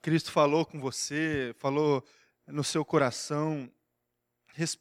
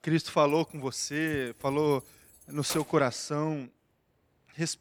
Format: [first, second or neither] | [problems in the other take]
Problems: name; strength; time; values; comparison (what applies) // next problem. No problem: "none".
first | jangling keys; noticeable; until 3 s; peak 9 dB below the speech